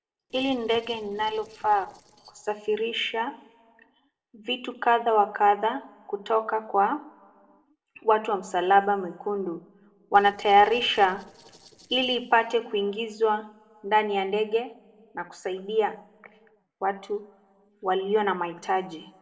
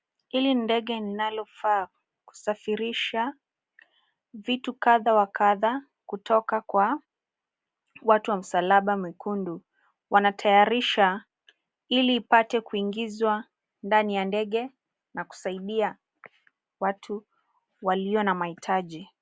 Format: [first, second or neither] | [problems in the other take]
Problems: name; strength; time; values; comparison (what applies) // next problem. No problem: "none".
second | noise reduction (neural separator model SepFormer DNS4)